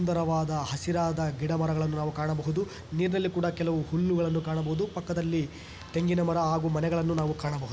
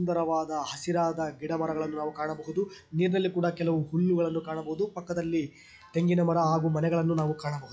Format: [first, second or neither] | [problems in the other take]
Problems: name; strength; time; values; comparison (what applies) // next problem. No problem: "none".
first | noise reduction (classical method log-MMSE)